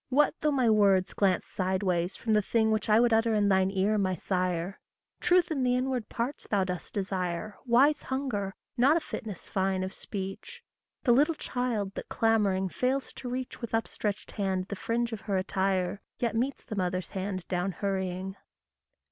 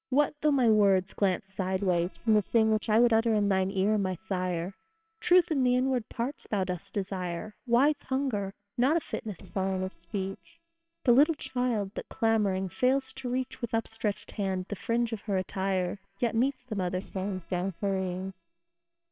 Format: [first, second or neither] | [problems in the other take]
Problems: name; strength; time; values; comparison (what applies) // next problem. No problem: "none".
first | noise reduction (neural separator model SepFormer WHAMR!)